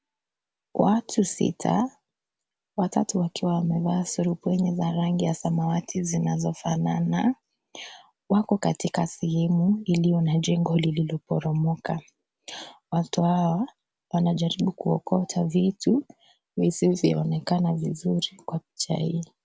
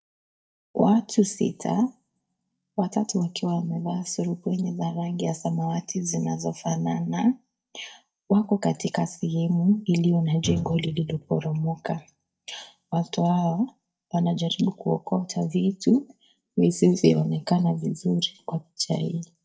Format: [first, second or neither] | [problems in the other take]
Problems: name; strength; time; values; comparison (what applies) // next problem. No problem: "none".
first | noise reduction (neural mask model DeepFilterNet 3)